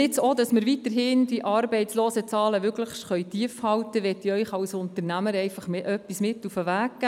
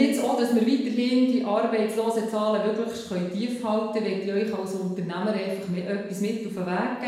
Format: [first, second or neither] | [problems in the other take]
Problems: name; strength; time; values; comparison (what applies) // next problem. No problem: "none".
first | room echo; dies away in 0.9 s